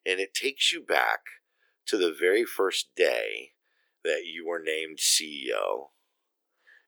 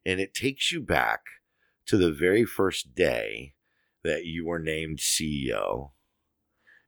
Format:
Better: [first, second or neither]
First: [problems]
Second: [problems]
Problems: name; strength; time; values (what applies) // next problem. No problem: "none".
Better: second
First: thin; very; fading below 400 Hz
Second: none